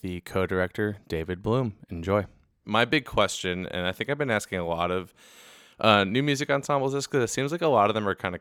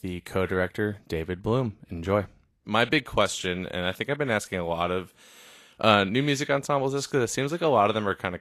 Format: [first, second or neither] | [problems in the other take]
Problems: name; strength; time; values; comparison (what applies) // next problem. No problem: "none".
first | garbled, watery; slightly; nothing above 12.5 kHz